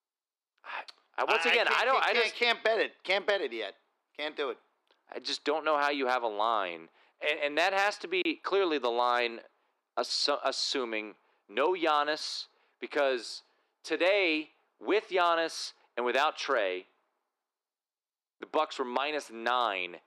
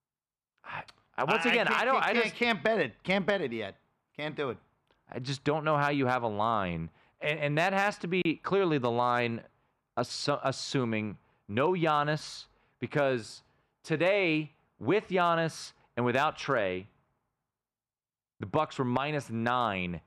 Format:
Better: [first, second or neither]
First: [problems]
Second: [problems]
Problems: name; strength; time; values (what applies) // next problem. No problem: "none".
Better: second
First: thin; somewhat; fading below 300 Hz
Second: none